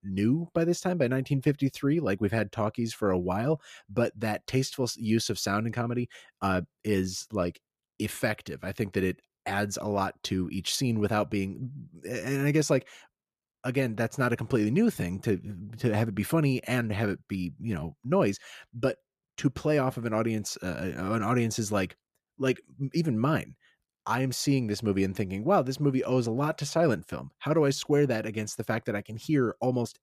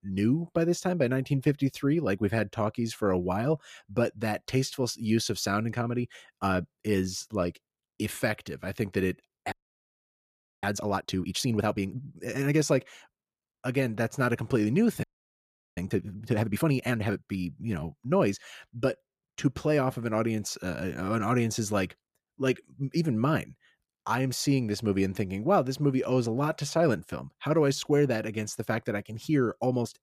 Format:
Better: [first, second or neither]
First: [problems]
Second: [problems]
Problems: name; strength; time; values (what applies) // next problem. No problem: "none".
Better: first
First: none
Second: audio freezing; at 9.5 s for 1 s and at 15 s for 0.5 s